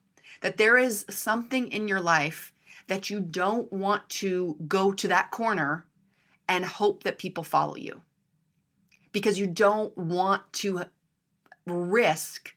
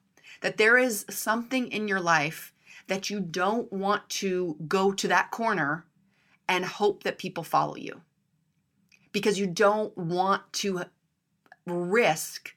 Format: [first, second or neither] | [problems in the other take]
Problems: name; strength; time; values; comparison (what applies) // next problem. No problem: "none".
second | garbled, watery; slightly; nothing above 19 kHz